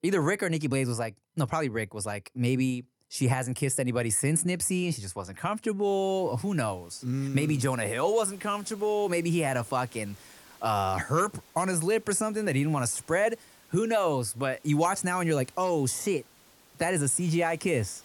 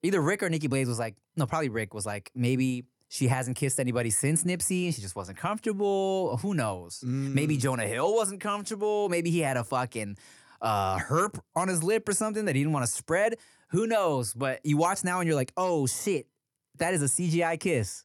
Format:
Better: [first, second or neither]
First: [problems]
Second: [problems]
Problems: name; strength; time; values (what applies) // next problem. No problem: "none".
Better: second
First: hiss; faint; from 6 s on; 25 dB below the speech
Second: none